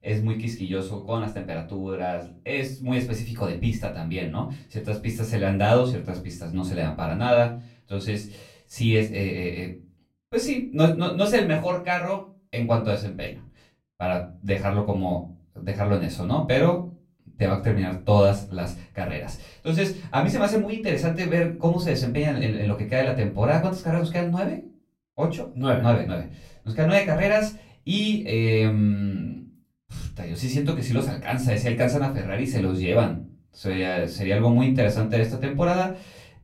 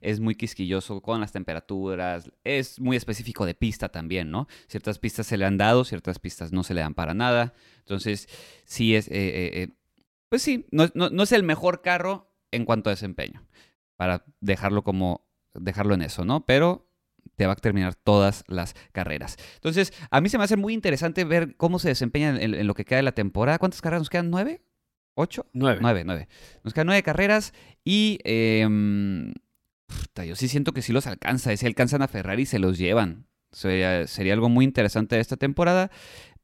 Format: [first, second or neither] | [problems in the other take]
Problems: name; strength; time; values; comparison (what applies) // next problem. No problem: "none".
second | off-mic speech; far // room echo; slight; dies away in 0.3 s